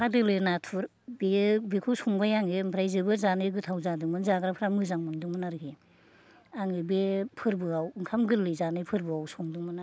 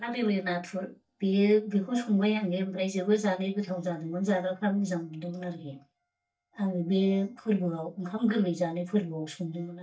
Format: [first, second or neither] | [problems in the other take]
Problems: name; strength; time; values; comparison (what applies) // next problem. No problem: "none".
first | noise reduction (neural mask model DeepFilterNet 3)